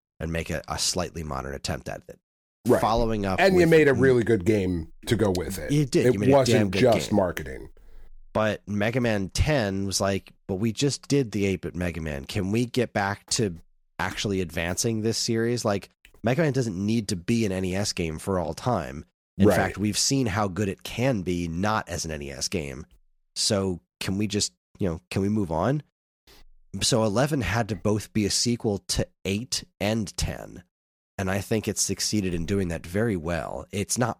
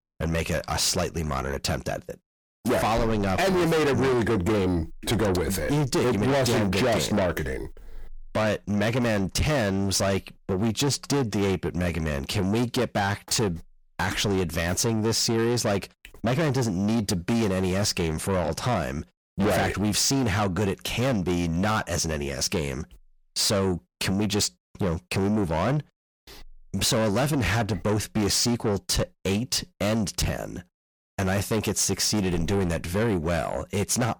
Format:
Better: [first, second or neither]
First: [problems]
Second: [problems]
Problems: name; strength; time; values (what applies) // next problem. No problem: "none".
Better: first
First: none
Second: distortion; heavy; 6 dB below the speech